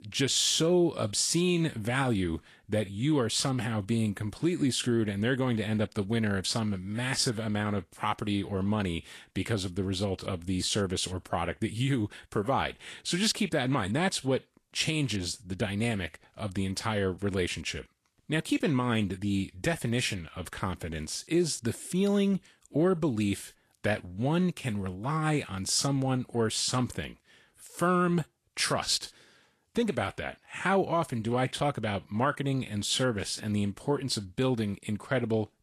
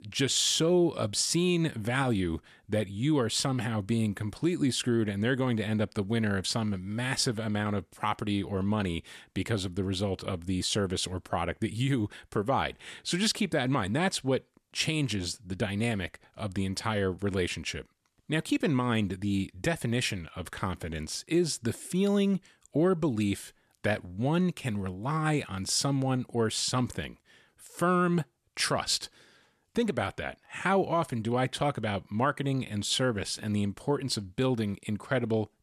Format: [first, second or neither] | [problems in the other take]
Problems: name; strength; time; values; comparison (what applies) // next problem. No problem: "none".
second | garbled, watery; slightly